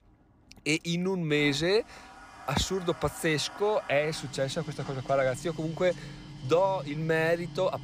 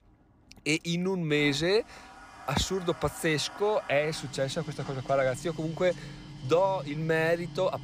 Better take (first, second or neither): neither